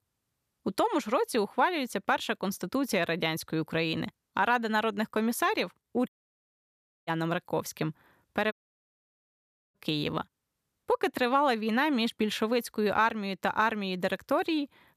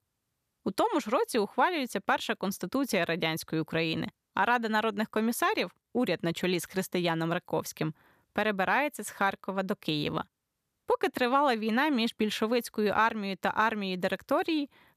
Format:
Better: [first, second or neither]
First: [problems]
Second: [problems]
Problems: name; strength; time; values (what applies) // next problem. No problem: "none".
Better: second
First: audio cutting out; at 6 s for 1 s and at 8.5 s for 1 s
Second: none